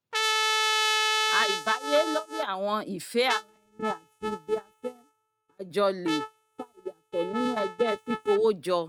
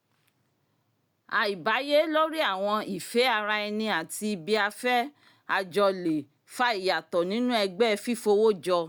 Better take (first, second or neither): second